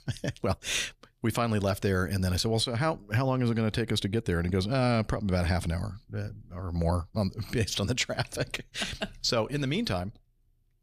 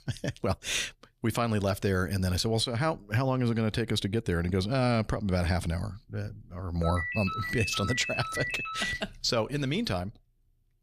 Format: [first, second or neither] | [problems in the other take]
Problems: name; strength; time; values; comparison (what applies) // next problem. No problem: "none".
first | phone ringing; noticeable; from 7 to 9 s; peak 3 dB below the speech